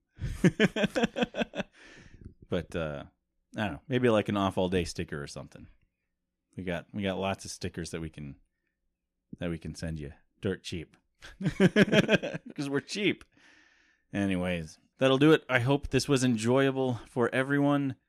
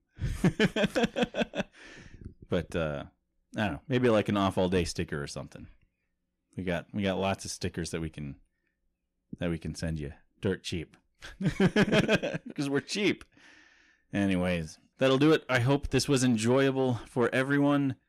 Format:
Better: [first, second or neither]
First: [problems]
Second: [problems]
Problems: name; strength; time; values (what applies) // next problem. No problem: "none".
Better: first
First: none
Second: distortion; slight; 10 dB below the speech